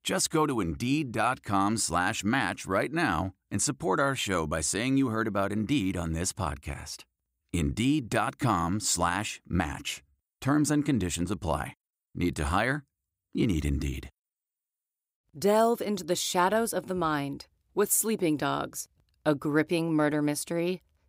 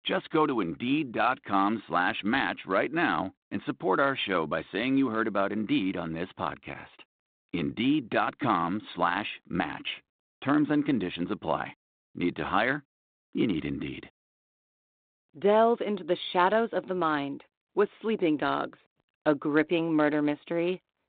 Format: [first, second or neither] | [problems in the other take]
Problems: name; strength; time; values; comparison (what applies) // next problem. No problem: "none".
first | phone-call audio; nothing above 4 kHz